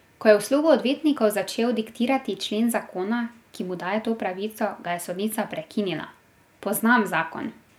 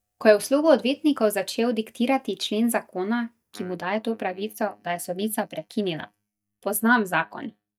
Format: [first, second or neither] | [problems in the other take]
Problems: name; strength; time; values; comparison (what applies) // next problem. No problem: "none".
first | noise reduction (neural mask model DeepFilterNet 3)